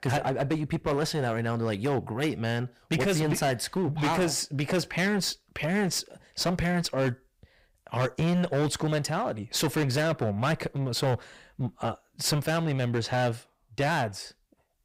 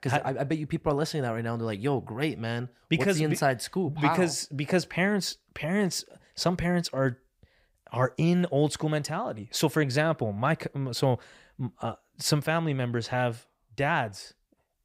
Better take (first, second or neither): second